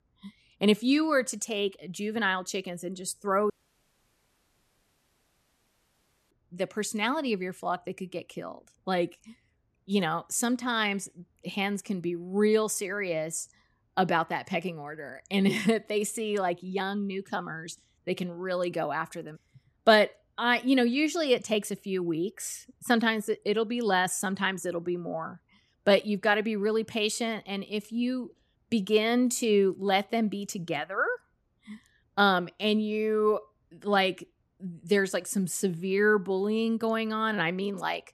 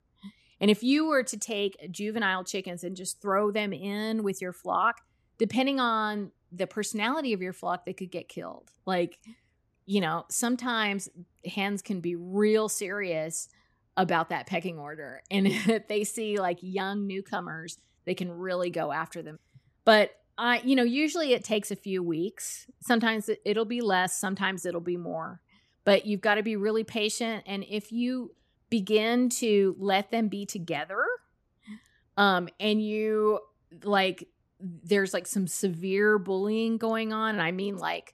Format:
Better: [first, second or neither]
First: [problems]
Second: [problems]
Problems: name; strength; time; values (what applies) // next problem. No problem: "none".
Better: second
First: audio cutting out; at 3.5 s for 3 s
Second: none